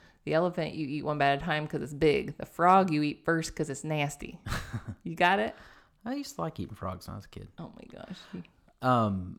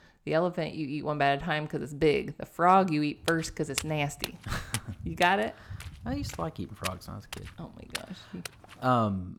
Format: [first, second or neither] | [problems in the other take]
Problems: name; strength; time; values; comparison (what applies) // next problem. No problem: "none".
first | footsteps; noticeable; from 3 to 9 s; peak 6 dB below the speech